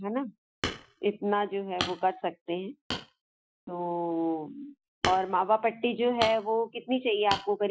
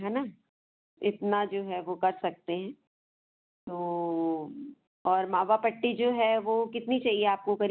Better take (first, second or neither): second